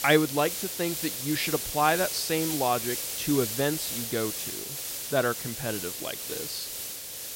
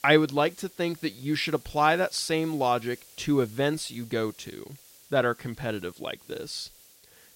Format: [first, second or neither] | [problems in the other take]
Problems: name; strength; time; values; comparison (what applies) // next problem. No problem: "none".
second | hiss; loud; throughout; 3 dB below the speech; faint in the second